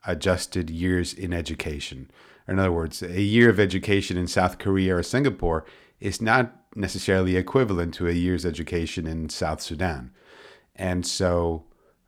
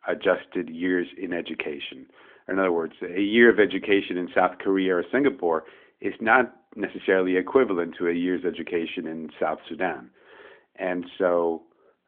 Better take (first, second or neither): first